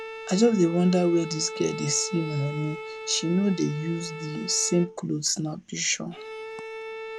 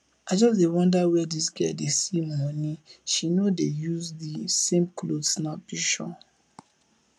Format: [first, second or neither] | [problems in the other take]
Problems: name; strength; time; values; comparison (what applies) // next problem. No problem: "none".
second | background sound (Bowed string instrument); 11 dB below the speech